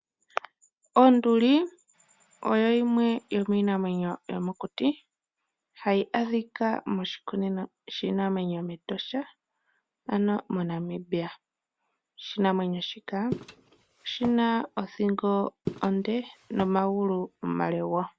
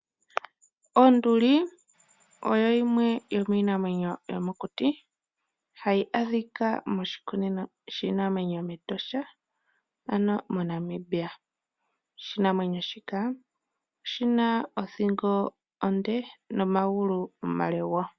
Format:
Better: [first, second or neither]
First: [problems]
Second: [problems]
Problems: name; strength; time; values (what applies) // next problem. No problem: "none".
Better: second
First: background sound (Walk, footsteps); 13 dB below the speech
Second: none